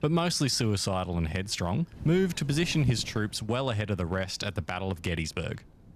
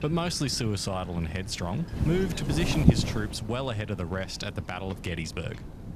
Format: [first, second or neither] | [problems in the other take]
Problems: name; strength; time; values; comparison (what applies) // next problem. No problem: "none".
first | wind noise on the microphone; heavy; 6 dB below the speech; occasional gusts in the first